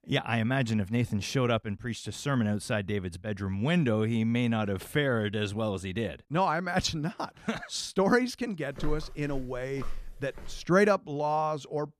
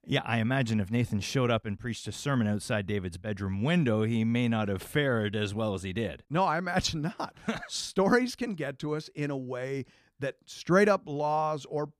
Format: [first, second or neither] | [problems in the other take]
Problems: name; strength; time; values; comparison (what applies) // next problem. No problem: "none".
second | footsteps; faint; from 9 to 11 s; peak 10 dB below the speech